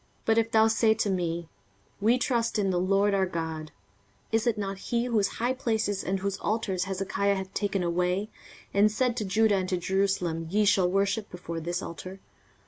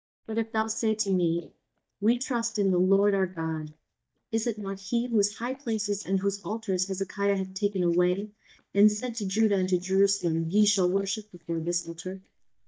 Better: first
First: none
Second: noise reduction (neural mask model DeepFilterNet 3)

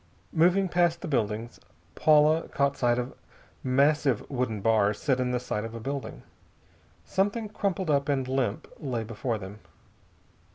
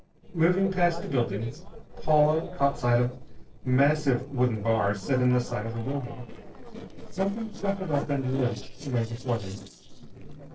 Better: first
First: none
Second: noise reduction (neural separator model SepFormer DNS4)

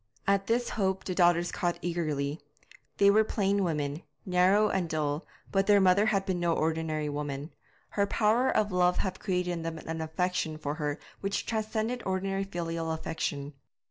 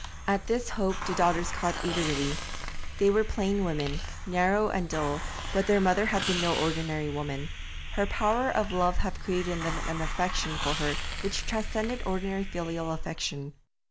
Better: first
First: none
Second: background sound (Hiss); 5 dB below the speech

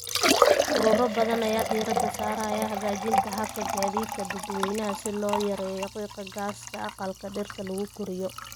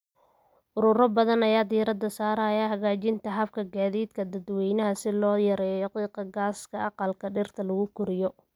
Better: second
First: background sound (Liquid); 2 dB above the speech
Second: none

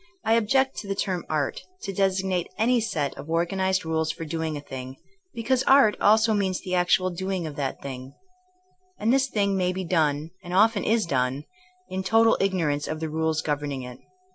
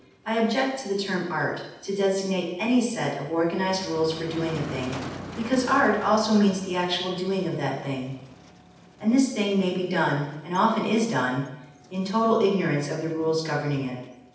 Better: first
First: none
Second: background sound (Motor vehicle (road)); 18 dB below the speech // room echo; dies away in 0.8 s

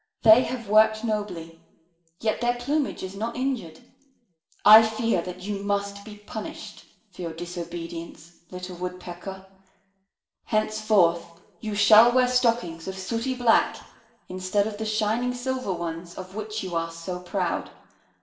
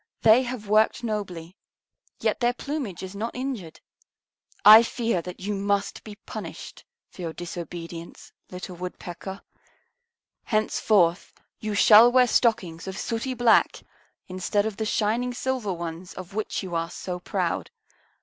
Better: second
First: room echo; dies away in 0.7 s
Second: none

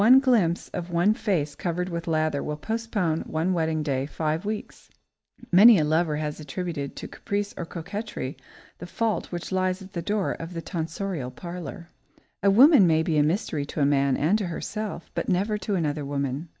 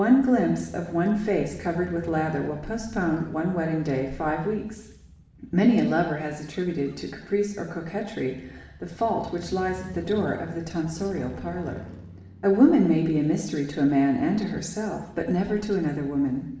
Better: first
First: none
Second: background sound (Motorcycle / Crow); 20 dB below the speech // room echo; dies away in 0.9 s

